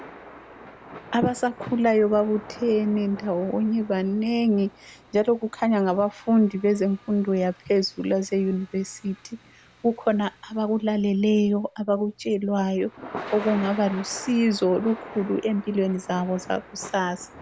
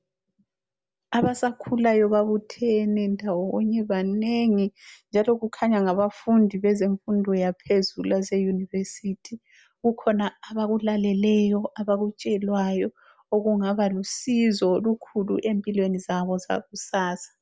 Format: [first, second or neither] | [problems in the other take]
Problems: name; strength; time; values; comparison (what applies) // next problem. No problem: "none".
second | background sound (Thunder / Rain); 18 dB below the speech